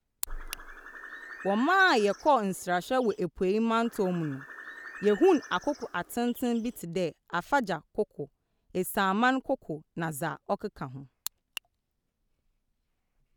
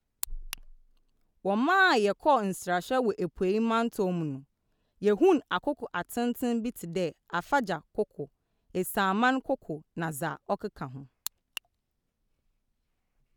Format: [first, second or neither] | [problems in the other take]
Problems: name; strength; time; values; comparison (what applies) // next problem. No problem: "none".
second | background sound (Bird); 17 dB below the speech